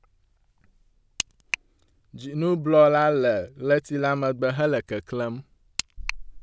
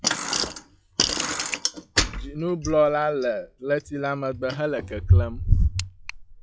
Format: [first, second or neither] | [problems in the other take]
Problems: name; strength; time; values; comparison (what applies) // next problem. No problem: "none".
first | noise reduction (classical method log-MMSE)